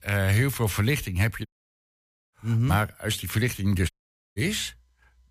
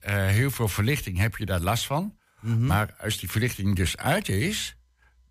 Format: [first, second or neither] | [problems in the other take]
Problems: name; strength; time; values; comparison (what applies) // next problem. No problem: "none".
second | audio cutting out; at 1.5 s for 1 s and at 4 s